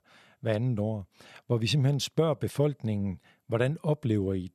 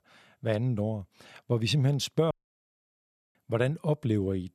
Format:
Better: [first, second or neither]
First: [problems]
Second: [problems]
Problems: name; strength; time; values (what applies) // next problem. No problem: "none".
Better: first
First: none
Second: audio cutting out; at 2.5 s for 1 s